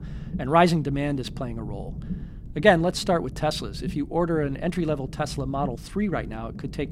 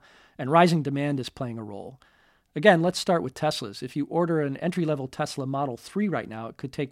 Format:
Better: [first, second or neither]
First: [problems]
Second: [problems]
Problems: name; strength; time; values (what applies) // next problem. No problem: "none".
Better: second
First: low rumble; faint; throughout; 20 dB below the speech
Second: none